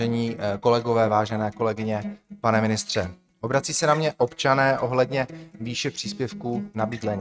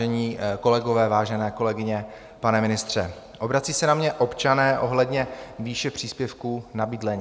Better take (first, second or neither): second